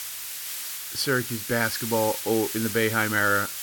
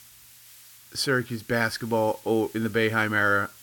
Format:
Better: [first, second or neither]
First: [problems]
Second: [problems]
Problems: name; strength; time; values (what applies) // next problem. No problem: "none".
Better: second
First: hiss; loud; throughout; 6 dB below the speech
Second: hiss; faint; throughout; 20 dB below the speech